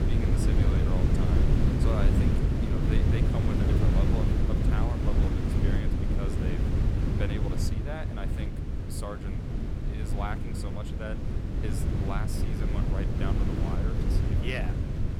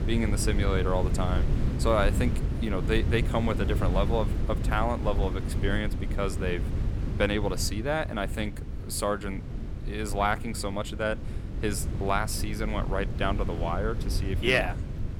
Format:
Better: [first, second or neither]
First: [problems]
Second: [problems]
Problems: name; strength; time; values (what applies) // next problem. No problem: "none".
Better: second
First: wind noise on the microphone; heavy; 3 dB above the speech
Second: wind noise on the microphone; occasional gusts; 10 dB below the speech